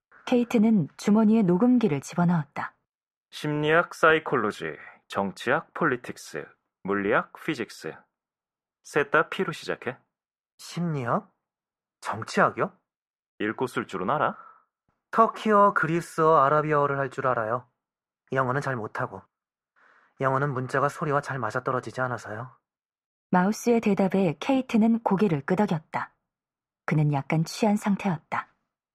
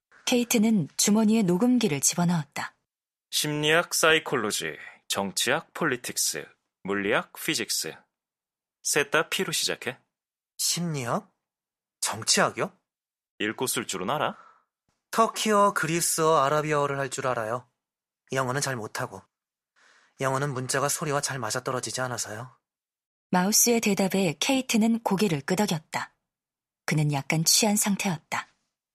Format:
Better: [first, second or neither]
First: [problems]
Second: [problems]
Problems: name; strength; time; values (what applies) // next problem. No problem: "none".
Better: second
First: muffled; very; fading above 3 kHz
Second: none